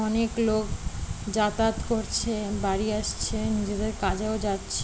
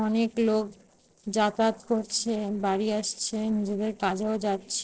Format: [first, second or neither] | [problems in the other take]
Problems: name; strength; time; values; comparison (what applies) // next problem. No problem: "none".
first | noise reduction (neural separator model SepFormer DNS4)